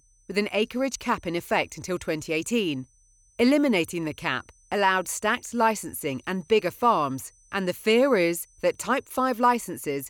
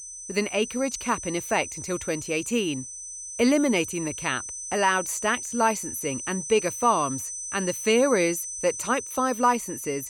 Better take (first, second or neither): first